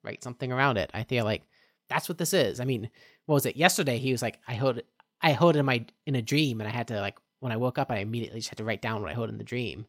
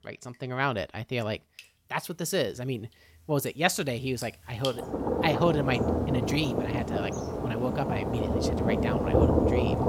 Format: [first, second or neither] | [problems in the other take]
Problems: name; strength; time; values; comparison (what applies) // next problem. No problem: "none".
first | rain or running water; very loud; throughout; 2 dB above the speech